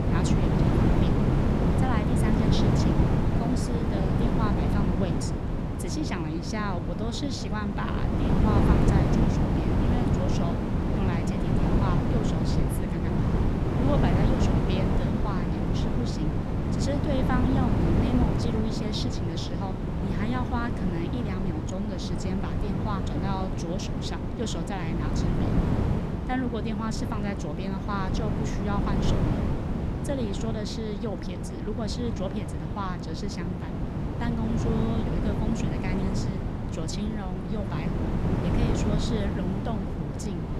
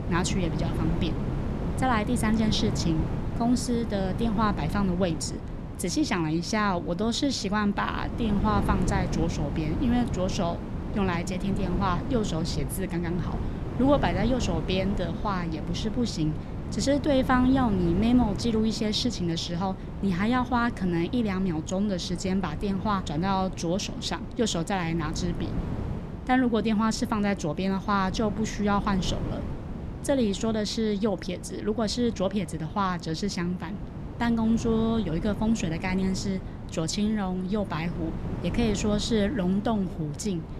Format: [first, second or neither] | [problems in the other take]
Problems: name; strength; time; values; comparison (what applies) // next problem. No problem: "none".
second | wind noise on the microphone; heavy; 2 dB above the speech; occasional gusts in the second